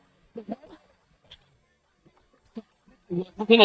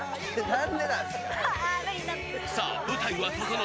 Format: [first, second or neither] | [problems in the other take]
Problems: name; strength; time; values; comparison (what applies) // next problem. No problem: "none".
second | noise reduction (neural mask model DeepFilterNet 3)